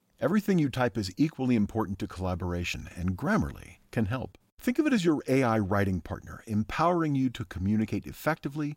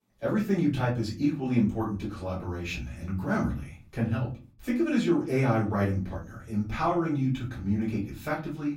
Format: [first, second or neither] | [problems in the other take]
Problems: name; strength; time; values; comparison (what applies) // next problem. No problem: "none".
first | off-mic speech; far // room echo; slight; dies away in 0.4 s